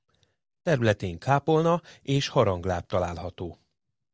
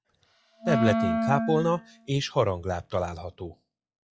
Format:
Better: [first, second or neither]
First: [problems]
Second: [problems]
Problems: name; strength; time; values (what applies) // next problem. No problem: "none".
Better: first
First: none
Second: noise reduction (classical method log-MMSE)